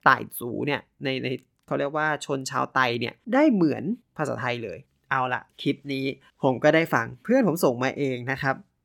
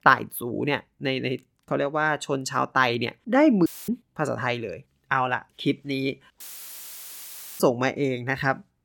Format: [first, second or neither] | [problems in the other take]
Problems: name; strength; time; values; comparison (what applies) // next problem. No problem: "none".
first | audio cutting out; filled with static; at 3.5 s and at 6.5 s for 1 s